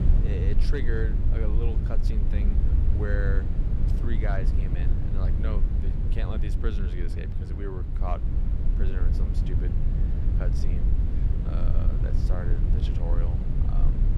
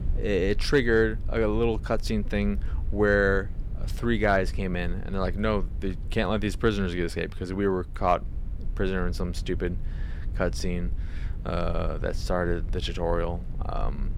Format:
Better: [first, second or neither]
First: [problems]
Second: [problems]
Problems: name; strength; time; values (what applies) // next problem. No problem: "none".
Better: second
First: low rumble; loud; throughout; 2 dB below the speech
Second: low rumble; faint; throughout; 25 dB below the speech